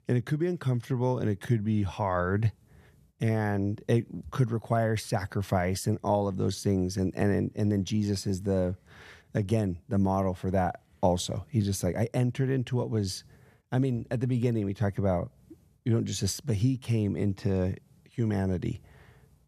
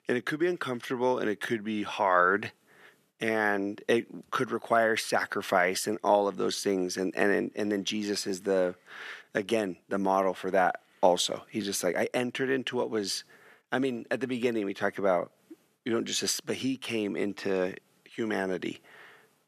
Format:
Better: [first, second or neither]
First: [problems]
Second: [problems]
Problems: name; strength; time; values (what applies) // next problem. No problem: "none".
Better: first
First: none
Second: thin; somewhat; fading below 300 Hz